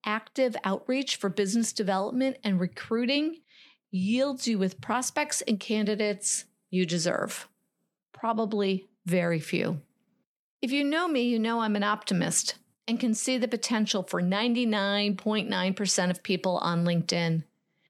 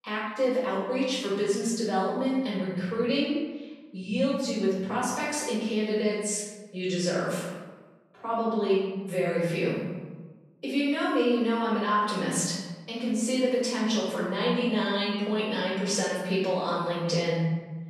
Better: first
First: none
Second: room echo; noticeable; dies away in 1.1 s // off-mic speech; far

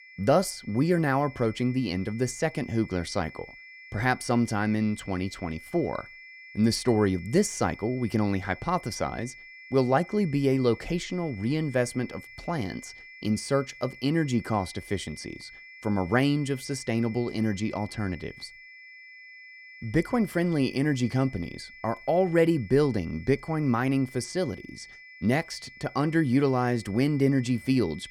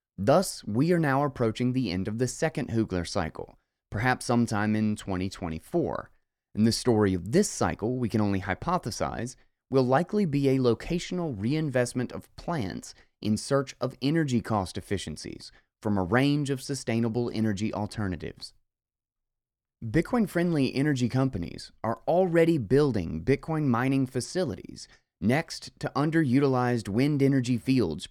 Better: second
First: high-pitched whine; noticeable; throughout; 2 kHz, 20 dB below the speech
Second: none

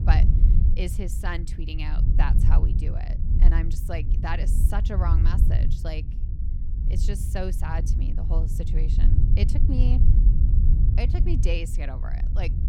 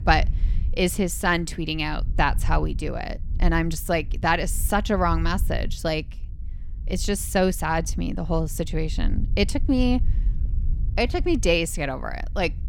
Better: second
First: wind noise on the microphone; heavy; 5 dB below the speech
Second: wind noise on the microphone; occasional gusts; 25 dB below the speech

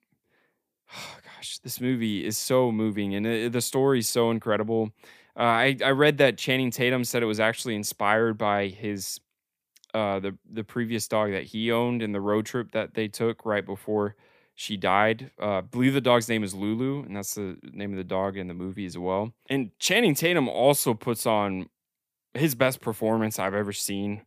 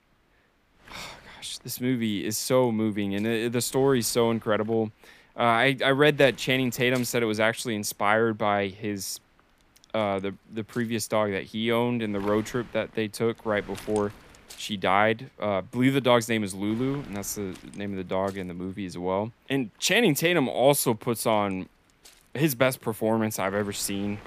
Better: first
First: none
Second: wind noise on the microphone; occasional gusts; 25 dB below the speech

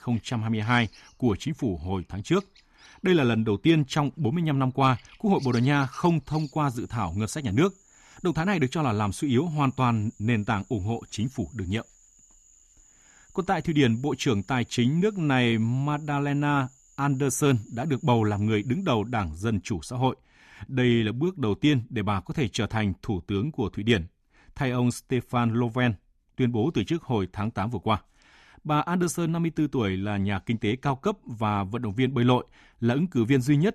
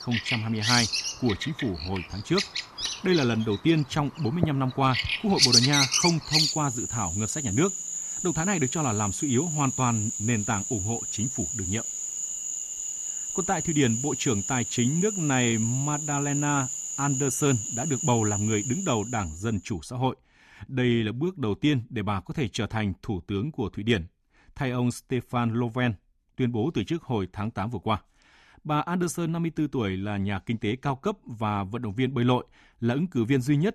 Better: first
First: animal sounds; faint; until 19 s; 25 dB below the speech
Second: animal sounds; loud; until 19 s; as loud as the speech

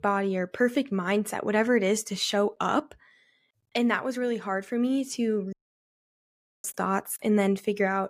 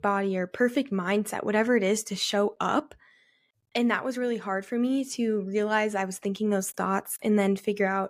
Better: second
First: audio cutting out; at 5.5 s for 1 s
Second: none

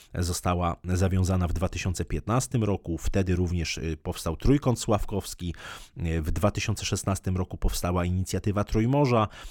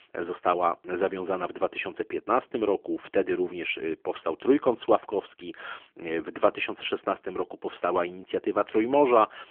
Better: first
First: none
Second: phone-call audio; nothing above 3.5 kHz

